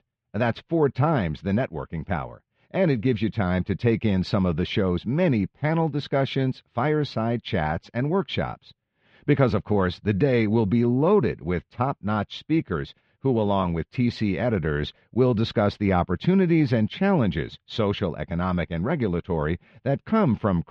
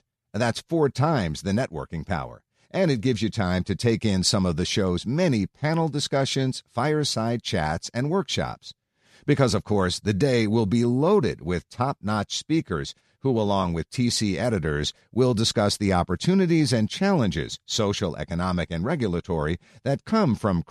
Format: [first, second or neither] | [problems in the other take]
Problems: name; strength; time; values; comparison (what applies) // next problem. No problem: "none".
second | muffled; very; fading above 3 kHz